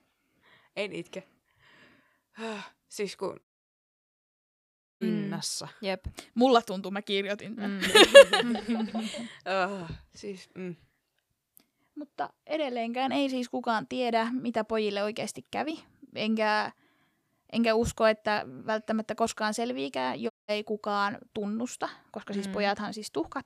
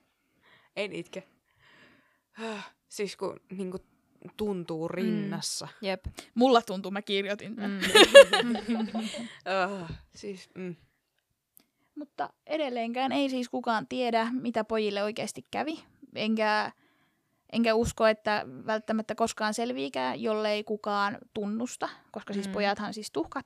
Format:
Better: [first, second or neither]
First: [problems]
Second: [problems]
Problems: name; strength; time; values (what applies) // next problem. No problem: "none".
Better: second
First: audio cutting out; at 3.5 s for 1.5 s and at 20 s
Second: none